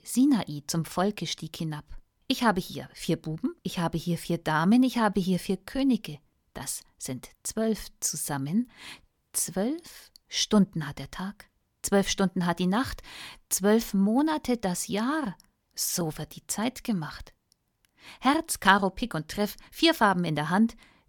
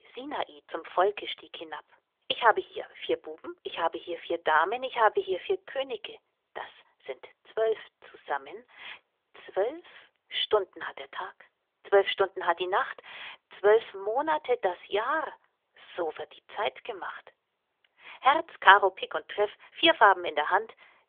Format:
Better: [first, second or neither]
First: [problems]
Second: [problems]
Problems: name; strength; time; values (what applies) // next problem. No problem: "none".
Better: first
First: none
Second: phone-call audio; nothing above 3.5 kHz